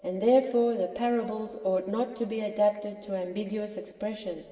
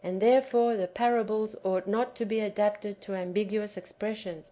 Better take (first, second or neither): second